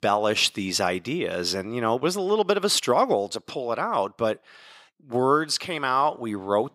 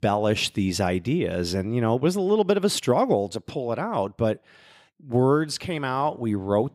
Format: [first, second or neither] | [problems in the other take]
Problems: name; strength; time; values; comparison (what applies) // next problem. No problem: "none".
second | thin; somewhat; fading below 550 Hz